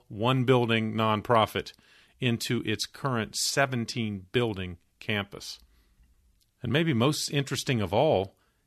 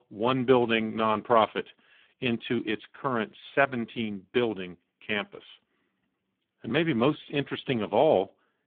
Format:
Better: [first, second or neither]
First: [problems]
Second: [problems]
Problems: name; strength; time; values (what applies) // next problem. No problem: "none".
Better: first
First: none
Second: phone-call audio; poor line